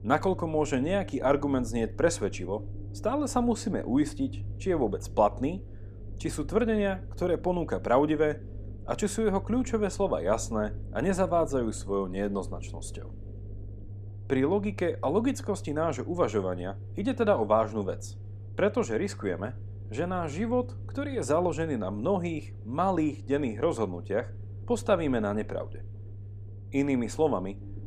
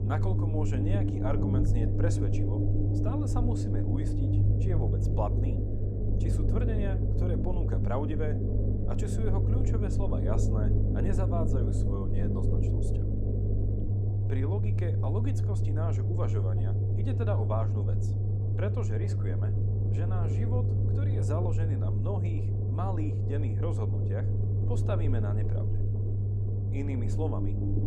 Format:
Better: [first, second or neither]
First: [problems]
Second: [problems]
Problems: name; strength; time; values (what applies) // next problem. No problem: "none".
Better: first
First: low rumble; faint; throughout; 25 dB below the speech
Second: low rumble; loud; throughout; as loud as the speech